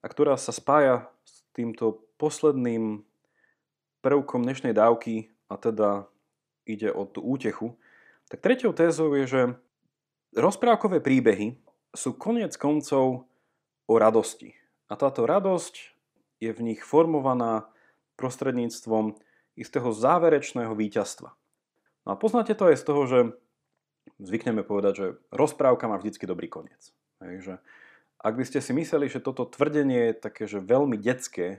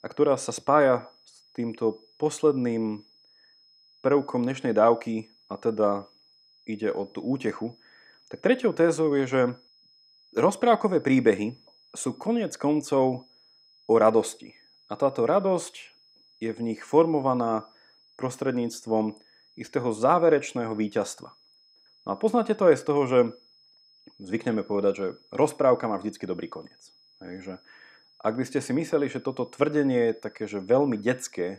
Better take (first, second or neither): first